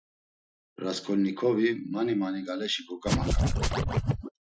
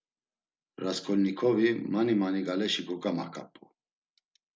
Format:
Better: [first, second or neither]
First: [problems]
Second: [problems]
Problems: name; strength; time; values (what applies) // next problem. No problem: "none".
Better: second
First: noise reduction (classical method Wiener filter)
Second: none